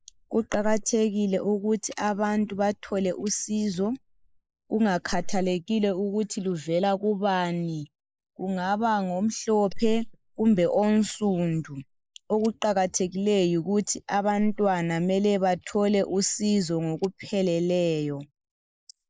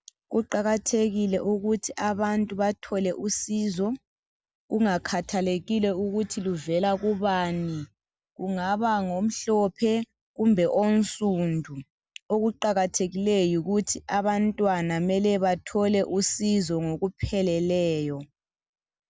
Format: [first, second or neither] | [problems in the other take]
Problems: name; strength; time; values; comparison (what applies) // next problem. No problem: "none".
second | noise reduction (neural mask model Resemble Enhance denoiser)